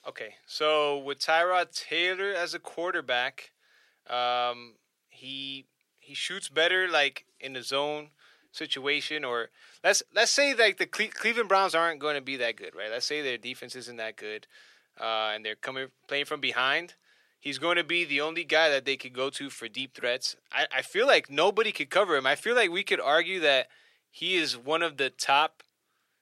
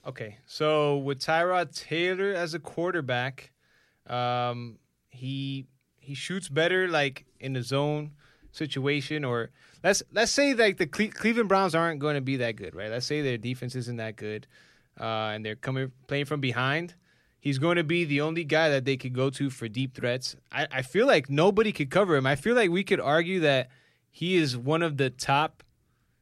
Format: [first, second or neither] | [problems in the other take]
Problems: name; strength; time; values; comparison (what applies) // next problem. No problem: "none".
second | thin; somewhat; fading below 500 Hz